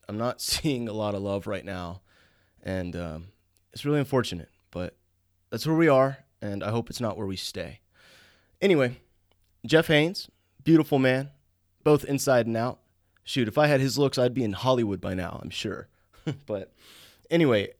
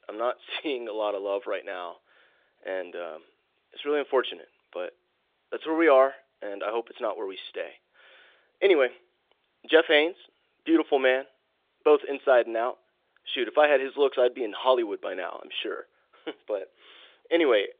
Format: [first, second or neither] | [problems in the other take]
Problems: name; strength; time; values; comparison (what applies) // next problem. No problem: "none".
first | phone-call audio; nothing above 3.5 kHz